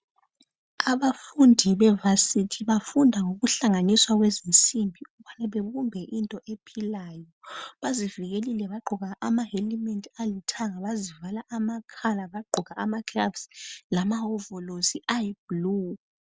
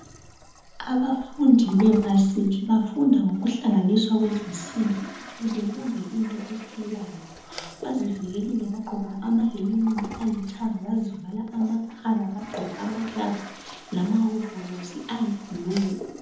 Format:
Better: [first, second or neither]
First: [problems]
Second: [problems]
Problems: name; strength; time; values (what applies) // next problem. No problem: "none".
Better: first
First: none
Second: background sound (Toilet flush); 17 dB below the speech // room echo; dies away in 1 s